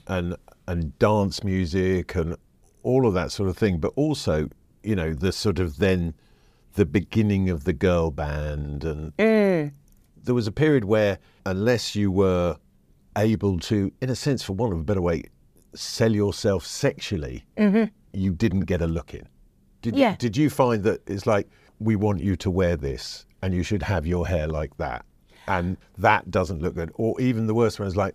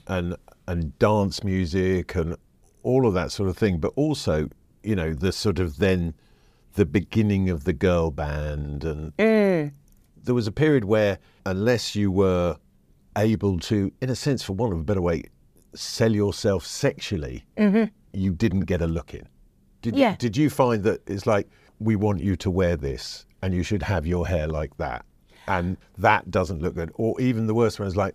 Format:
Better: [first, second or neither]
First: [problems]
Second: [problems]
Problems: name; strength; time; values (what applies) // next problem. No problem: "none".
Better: neither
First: none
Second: none